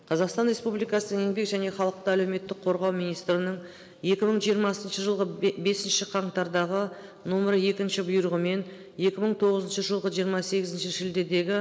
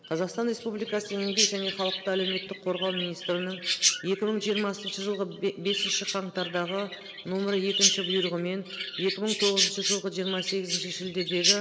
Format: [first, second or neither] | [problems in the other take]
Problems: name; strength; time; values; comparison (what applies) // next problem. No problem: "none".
first | background sound (Chirp, tweet); 1 dB below the speech